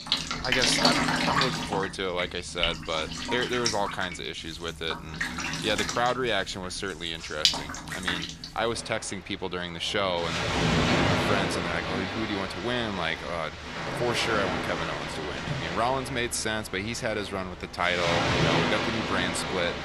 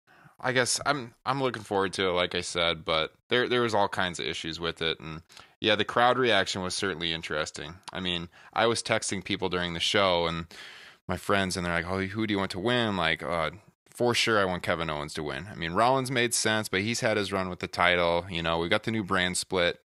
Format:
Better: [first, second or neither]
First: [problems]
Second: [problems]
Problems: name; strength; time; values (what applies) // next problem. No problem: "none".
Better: second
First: rain or running water; very loud; throughout; 2 dB above the speech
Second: none